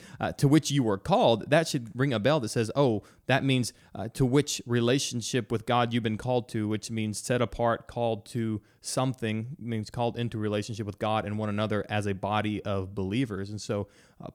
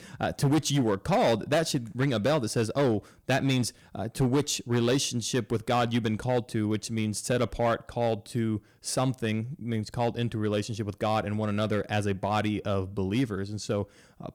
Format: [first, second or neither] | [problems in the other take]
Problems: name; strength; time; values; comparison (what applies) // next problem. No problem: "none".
first | distortion; slight; 5% of the sound clipped